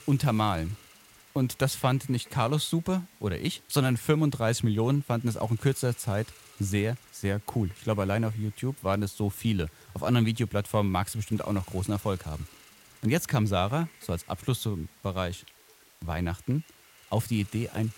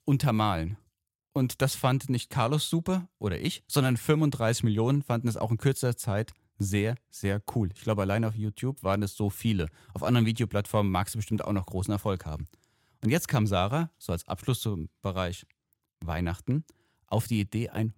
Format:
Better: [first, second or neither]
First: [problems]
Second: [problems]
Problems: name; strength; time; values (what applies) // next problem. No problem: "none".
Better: second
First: hiss; faint; throughout; 25 dB below the speech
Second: none